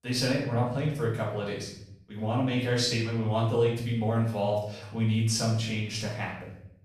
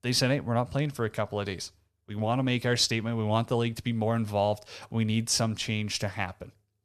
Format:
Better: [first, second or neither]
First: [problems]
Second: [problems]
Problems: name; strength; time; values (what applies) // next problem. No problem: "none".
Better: second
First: off-mic speech; far // room echo; noticeable; dies away in 0.7 s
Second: none